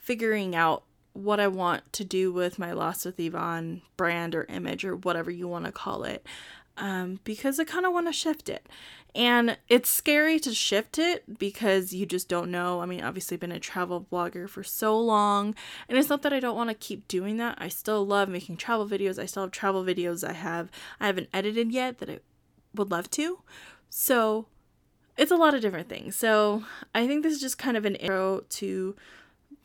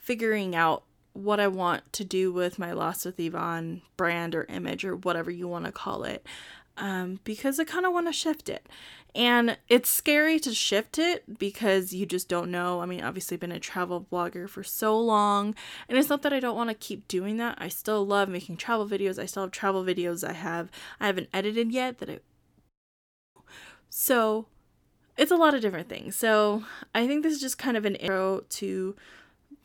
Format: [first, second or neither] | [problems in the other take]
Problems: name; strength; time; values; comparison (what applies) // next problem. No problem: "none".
first | audio cutting out; at 23 s for 0.5 s